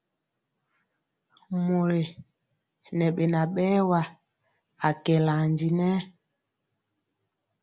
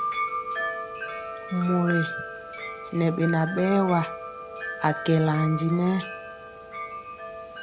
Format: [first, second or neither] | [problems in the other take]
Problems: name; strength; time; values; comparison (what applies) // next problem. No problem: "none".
first | background sound (Wind chime); 7 dB below the speech